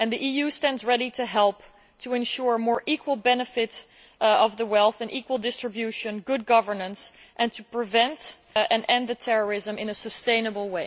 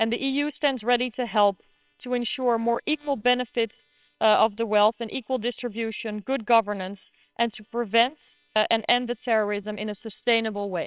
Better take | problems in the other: first | noise reduction (neural separator model SepFormer WHAMR!)

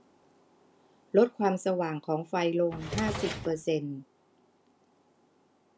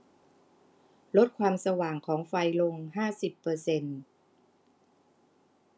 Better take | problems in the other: second | background sound (Drawer open or close); 6 dB below the speech

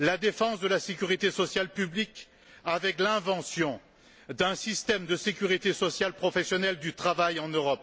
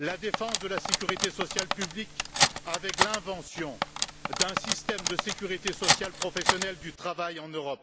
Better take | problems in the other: first | background sound (Cutlery, silverware); 5 dB above the speech

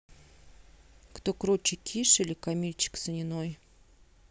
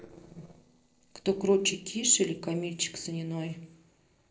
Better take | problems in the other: first | noise reduction (neural separator model SepFormer DNS4)

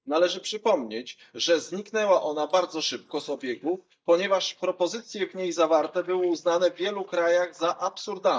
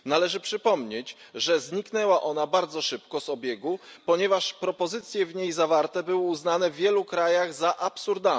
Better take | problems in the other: second | noise reduction (neural mask model DeepFilterNet 3)

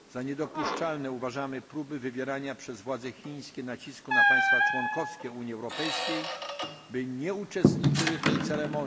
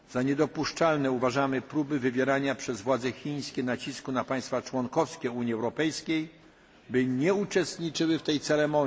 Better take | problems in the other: second | background sound (Squeak); 5 dB above the speech

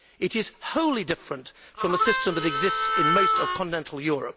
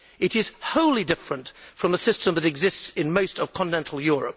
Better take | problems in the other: second | background sound (Harmonica); 3 dB above the speech

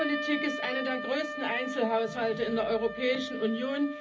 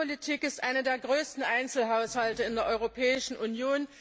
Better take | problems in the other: second | background sound (Wind instrument, woodwind instrument); 7 dB below the speech // room echo; dies away in 0.4 s

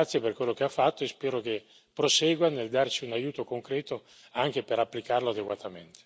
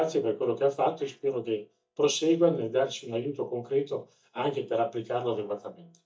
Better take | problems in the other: first | noise reduction (neural mask model DeepFilterNet 3)

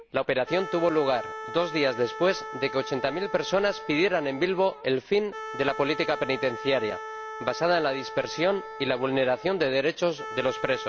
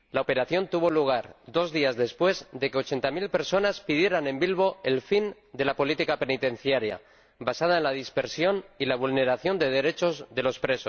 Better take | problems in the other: second | background sound (Wind instrument, woodwind instrument); 11 dB below the speech

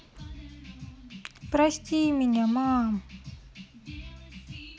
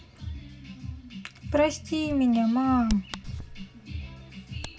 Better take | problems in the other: first | background sound (Bird vocalization, bird call, bird song); 14 dB below the speech // room echo; dies away in 0.4 s

